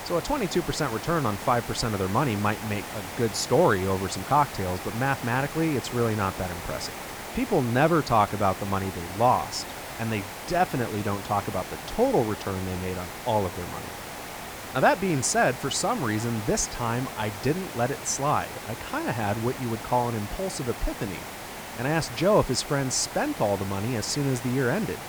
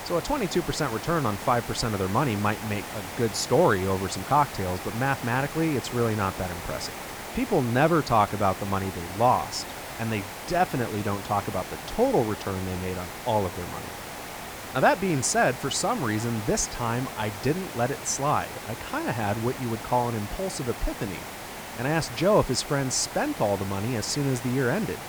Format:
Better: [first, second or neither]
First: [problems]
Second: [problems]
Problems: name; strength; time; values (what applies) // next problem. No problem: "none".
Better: neither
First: hiss; loud; throughout; 10 dB below the speech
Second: hiss; loud; throughout; 10 dB below the speech